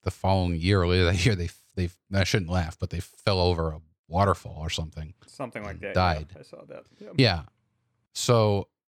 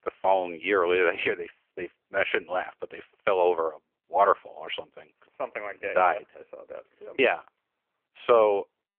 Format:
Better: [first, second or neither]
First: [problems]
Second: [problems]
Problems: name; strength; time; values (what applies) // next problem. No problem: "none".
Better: first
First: none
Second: phone-call audio; poor line; nothing above 3 kHz